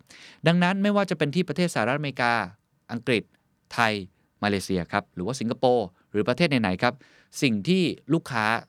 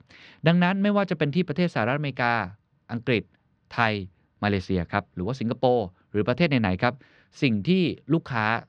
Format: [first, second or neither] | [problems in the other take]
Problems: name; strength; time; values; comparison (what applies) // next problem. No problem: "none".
first | muffled; very slightly; fading above 4 kHz